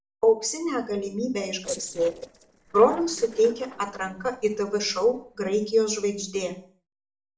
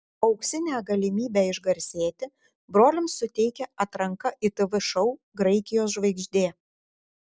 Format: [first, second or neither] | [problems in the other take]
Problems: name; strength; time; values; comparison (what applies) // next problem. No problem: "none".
second | noise reduction (neural separator model SepFormer DNS4)